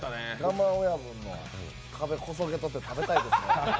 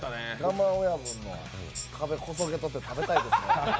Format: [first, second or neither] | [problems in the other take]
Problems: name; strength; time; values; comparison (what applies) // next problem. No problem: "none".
first | background sound (Tambourine); 11 dB below the speech